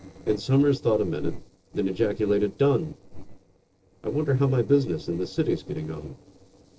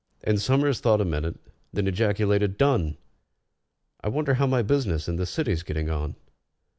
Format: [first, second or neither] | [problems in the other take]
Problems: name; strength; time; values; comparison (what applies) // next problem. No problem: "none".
second | noise reduction (neural separator model SepFormer DNS4)